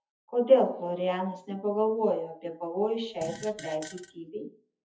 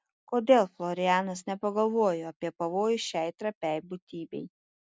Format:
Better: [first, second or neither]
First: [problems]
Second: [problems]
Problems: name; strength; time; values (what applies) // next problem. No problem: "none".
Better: second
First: noise reduction (classical method WPE with log-MMSE)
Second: none